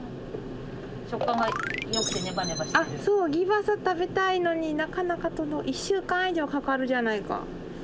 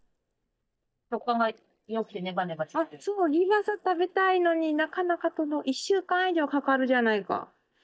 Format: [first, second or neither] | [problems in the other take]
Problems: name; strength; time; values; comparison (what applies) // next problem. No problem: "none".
first | noise reduction (neural mask model DeepFilterNet 3)